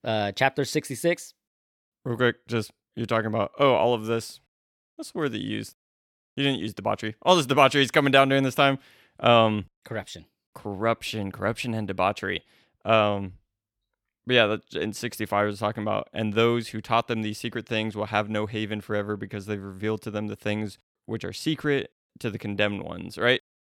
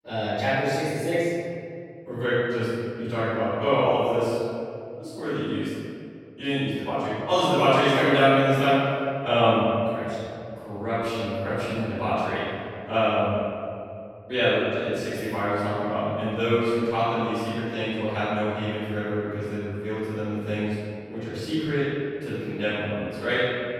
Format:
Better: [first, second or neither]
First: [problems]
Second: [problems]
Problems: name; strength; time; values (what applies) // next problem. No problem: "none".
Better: first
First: none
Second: room echo; strong; dies away in 2.3 s // off-mic speech; far